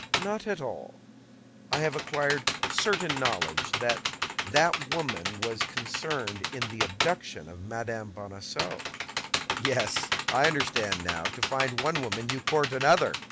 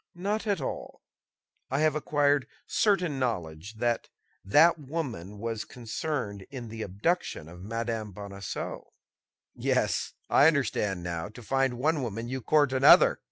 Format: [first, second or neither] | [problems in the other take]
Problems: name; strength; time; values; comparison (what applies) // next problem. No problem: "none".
second | background sound (Computer keyboard); 2 dB below the speech